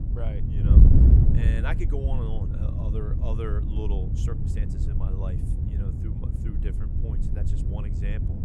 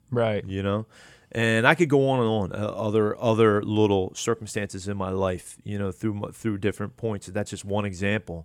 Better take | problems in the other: second | wind noise on the microphone; heavy; 2 dB above the speech

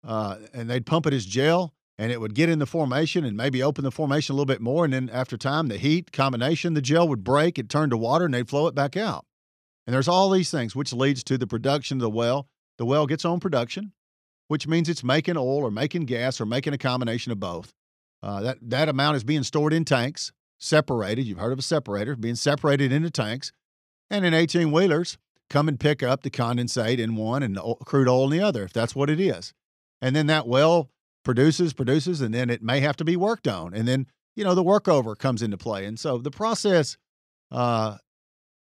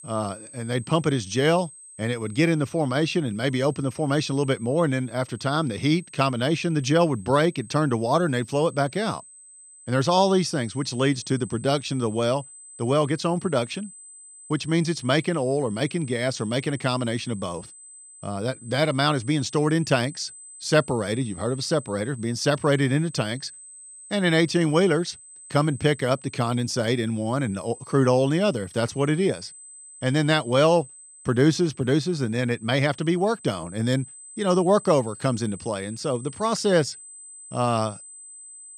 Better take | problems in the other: first | high-pitched whine; noticeable; throughout; 8 kHz, 20 dB below the speech

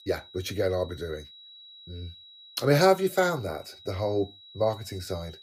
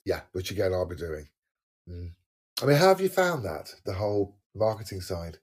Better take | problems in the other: second | high-pitched whine; noticeable; throughout; 4 kHz, 20 dB below the speech

